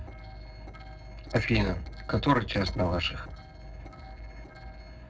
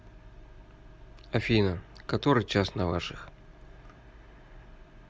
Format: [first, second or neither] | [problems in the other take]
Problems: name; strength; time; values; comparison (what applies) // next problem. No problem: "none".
second | noise reduction (neural separator model SepFormer DNS4)